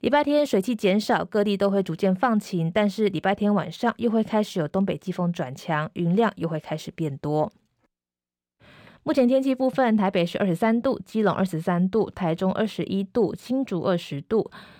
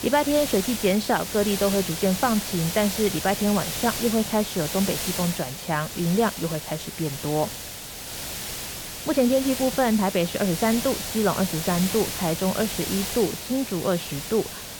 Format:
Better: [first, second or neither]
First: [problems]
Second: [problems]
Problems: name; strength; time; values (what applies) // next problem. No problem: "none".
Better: first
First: none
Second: hiss; loud; throughout; 5 dB below the speech